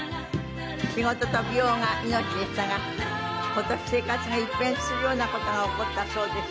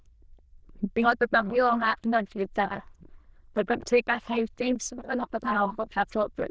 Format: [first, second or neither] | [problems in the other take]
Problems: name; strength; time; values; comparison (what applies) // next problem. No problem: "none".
first | noise reduction (neural diffusion model UNIVERSE++)